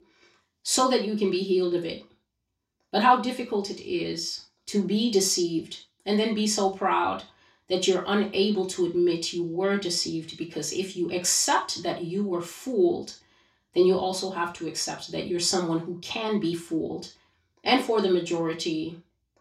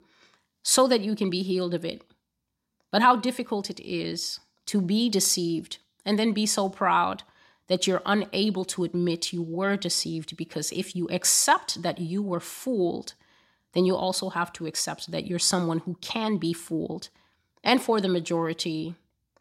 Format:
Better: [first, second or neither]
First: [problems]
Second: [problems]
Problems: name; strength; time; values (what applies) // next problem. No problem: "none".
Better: second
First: room echo; slight; dies away in 0.3 s // off-mic speech; far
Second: none